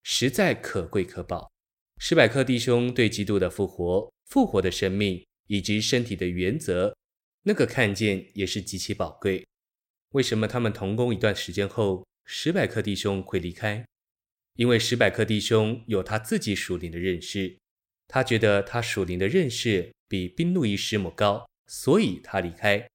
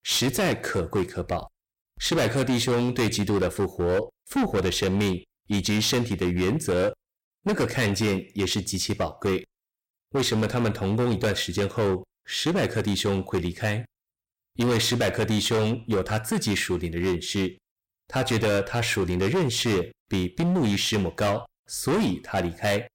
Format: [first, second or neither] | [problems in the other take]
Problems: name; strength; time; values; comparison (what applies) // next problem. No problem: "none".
first | distortion; heavy; 17% of the sound clipped